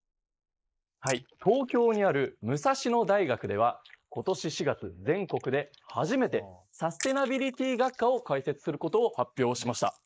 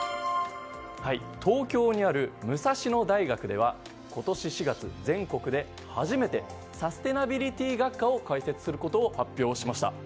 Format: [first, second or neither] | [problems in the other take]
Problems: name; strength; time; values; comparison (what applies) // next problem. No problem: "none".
second | noise reduction (neural mask model Resemble Enhance denoiser)